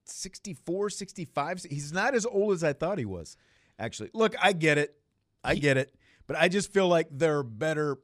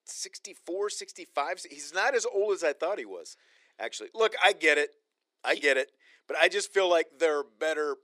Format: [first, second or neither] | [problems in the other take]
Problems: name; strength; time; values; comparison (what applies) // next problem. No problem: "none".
first | thin; very; fading below 350 Hz